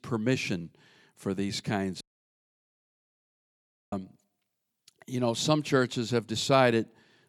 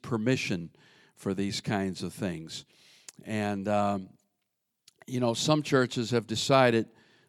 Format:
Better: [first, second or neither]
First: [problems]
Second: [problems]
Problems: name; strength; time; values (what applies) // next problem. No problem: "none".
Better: second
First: audio cutting out; at 2 s for 2 s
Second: none